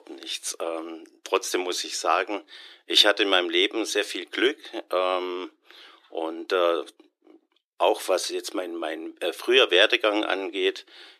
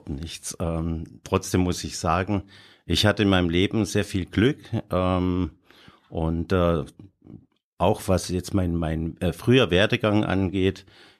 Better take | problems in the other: second | thin; very; fading below 350 Hz

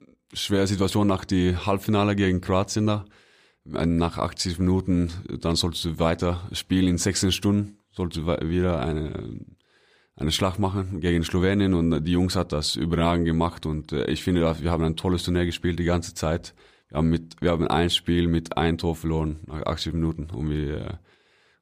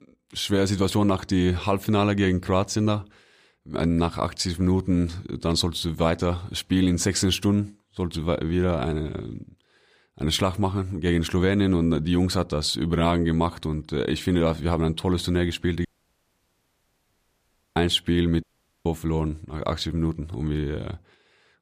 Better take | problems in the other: first | audio cutting out; at 16 s for 2 s and at 18 s

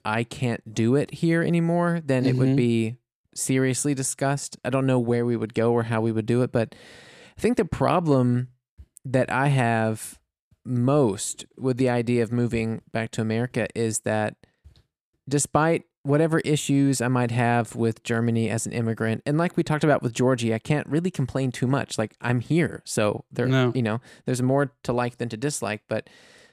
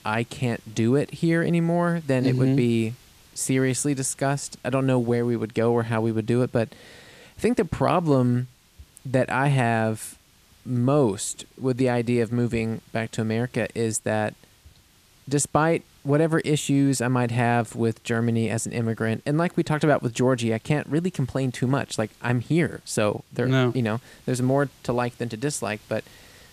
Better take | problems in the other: first | hiss; faint; throughout; 30 dB below the speech

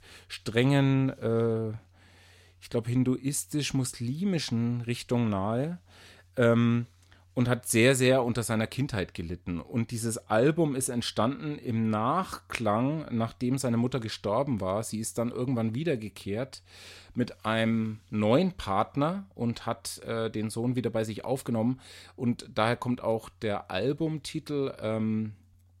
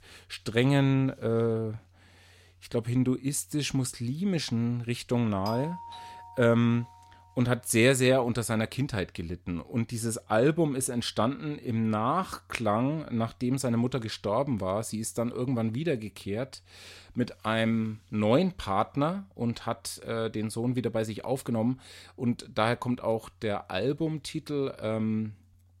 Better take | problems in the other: first | doorbell; faint; from 5.5 to 7 s; peak 10 dB below the speech

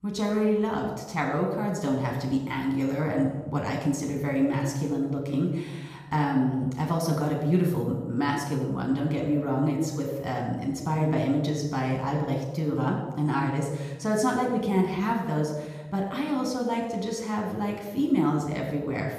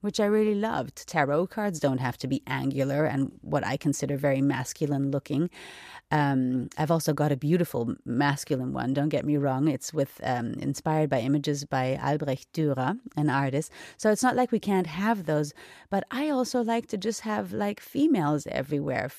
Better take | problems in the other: second | off-mic speech; somewhat distant // room echo; noticeable; dies away in 1 s

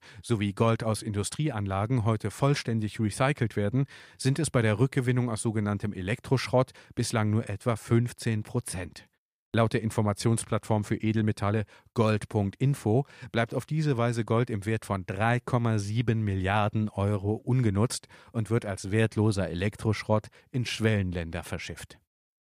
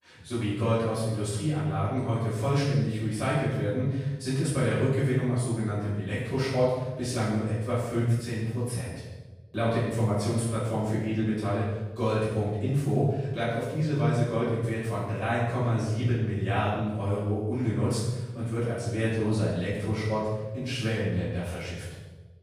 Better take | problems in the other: first | off-mic speech; far // room echo; strong; dies away in 1 s

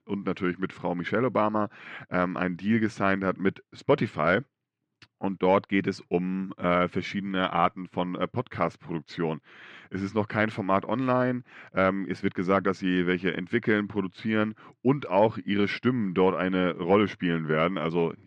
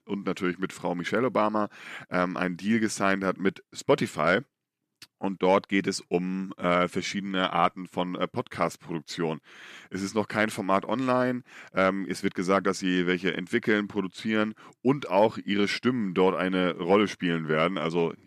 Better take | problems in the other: second | muffled; slightly; fading above 3 kHz

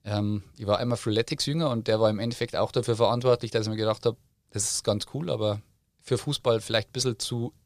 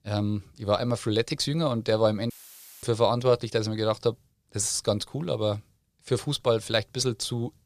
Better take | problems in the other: first | audio cutting out; filled with static; at 2.5 s for 0.5 s

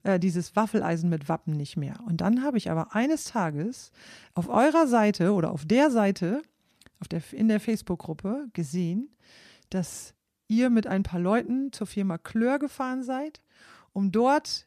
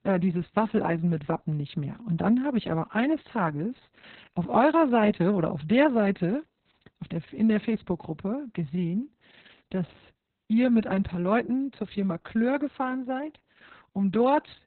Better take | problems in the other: first | garbled, watery; badly; nothing above 4 kHz

